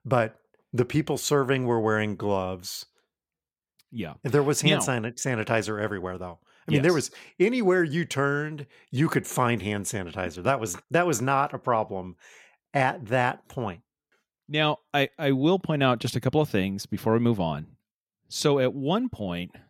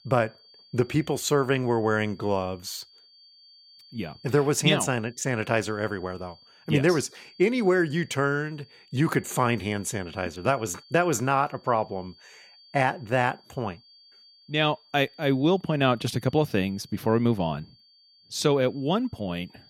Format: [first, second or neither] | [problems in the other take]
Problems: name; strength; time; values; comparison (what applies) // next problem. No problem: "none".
first | high-pitched whine; faint; throughout; 4.5 kHz, 25 dB below the speech